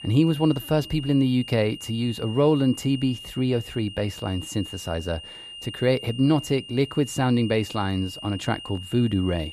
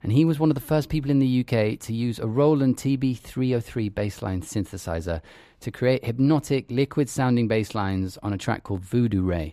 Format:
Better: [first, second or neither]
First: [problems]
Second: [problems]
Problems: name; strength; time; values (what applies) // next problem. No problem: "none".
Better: second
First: high-pitched whine; noticeable; throughout; 3 kHz, 15 dB below the speech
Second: none